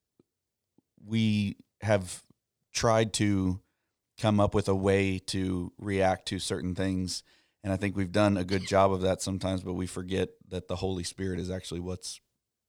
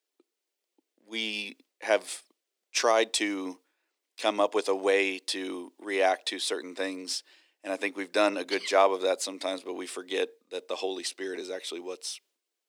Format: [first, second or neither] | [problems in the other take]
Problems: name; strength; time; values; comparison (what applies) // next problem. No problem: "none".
first | thin; somewhat; fading below 300 Hz